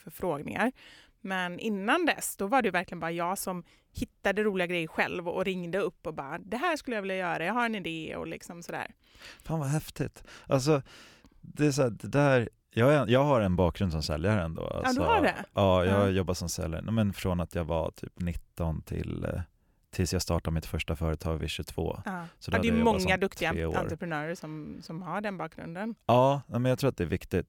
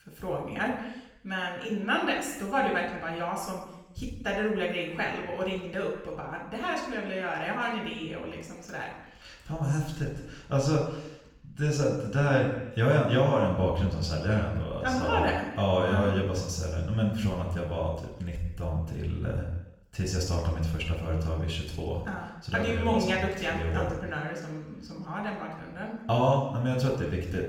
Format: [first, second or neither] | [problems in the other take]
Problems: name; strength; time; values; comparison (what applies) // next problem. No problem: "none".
first | room echo; noticeable; dies away in 0.9 s // off-mic speech; far